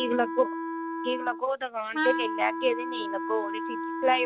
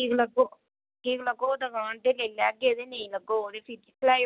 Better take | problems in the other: second | background sound (Wind instrument, woodwind instrument); 3 dB below the speech

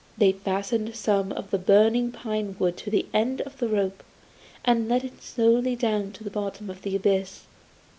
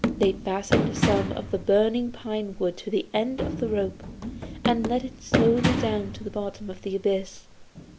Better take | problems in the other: first | background sound (Run); 3 dB below the speech

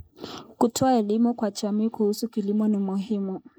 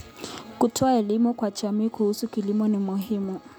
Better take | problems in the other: second | noise reduction (neural mask model Resemble Enhance denoiser)

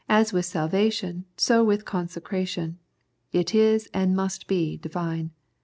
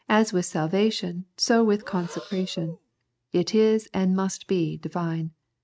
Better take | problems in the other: first | noise reduction (neural mask model RNNoise)

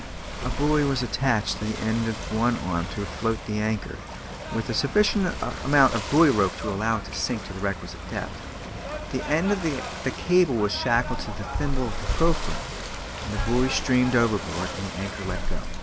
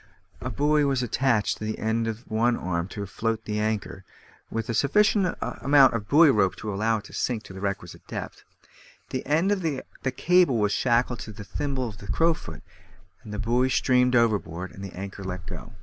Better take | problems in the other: second | background sound (Ocean / Boat, Water vehicle); 8 dB below the speech

